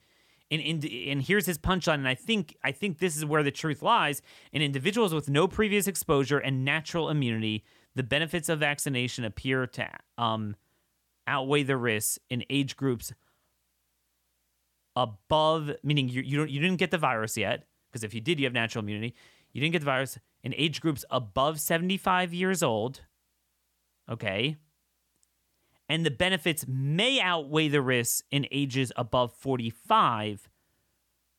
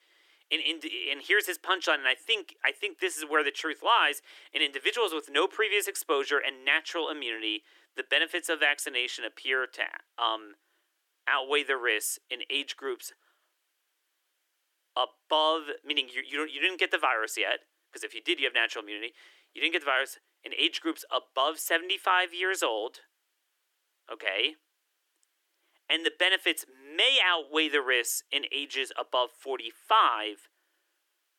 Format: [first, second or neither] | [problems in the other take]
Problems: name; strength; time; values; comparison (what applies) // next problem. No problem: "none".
first | thin; very; fading below 300 Hz